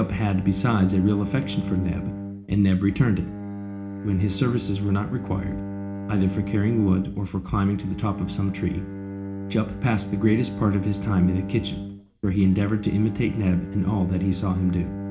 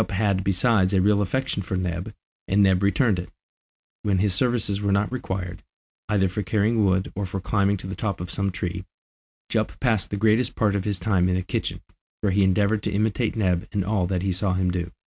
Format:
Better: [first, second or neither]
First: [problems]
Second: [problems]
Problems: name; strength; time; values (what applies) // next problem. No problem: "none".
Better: second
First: background sound (Bowed string instrument); 9 dB below the speech // room echo; dies away in 0.4 s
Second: none